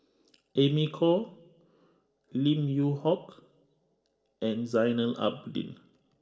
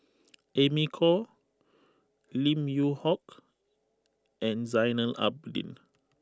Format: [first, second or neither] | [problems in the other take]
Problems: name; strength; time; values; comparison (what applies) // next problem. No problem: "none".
second | room echo; dies away in 0.6 s